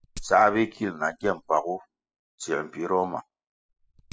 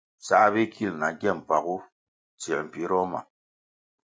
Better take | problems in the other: second | noise reduction (classical method spectral subtraction)

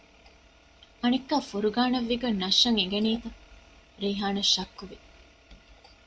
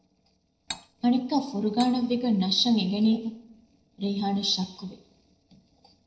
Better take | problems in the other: first | noise reduction (neural separator model SepFormer DNS4)

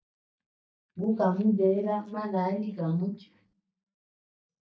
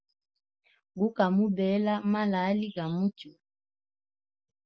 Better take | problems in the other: second | noise reduction (neural mask model DeepFilterNet 3)

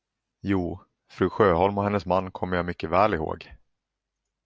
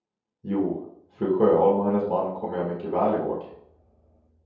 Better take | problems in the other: first | room echo; dies away in 0.7 s

